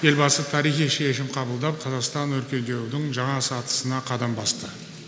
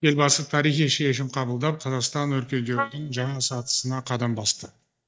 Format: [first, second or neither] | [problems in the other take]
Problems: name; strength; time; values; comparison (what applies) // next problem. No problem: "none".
first | noise reduction (neural mask model DeepFilterNet 3)